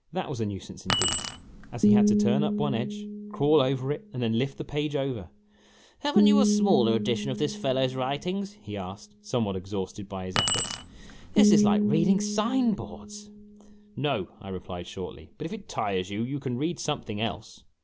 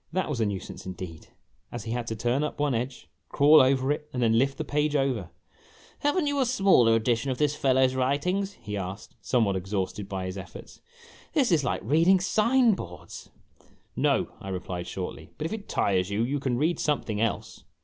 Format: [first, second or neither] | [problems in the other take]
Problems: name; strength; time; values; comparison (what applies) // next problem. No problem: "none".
second | background sound (Keys jangling + Piano); 1 dB above the speech